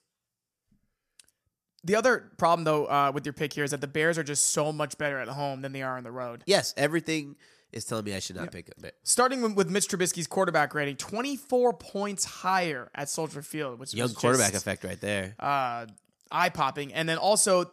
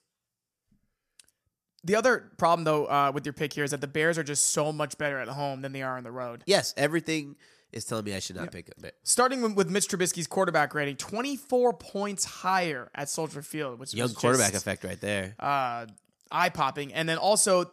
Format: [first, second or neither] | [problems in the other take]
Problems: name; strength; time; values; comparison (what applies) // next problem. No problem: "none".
neither | none